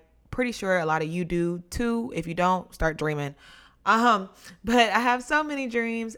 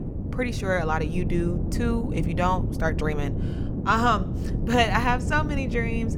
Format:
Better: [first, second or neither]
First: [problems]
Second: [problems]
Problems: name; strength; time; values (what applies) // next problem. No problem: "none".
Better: first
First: none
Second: wind noise on the microphone; occasional gusts; 10 dB below the speech